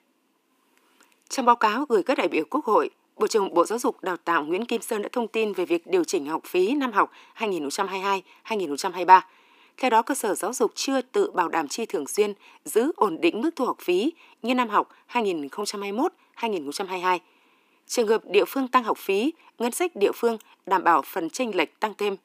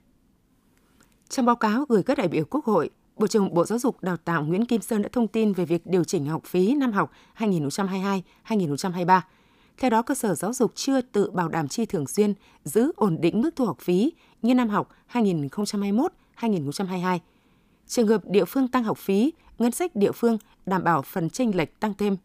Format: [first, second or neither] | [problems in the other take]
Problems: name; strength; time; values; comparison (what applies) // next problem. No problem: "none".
second | thin; somewhat; fading below 300 Hz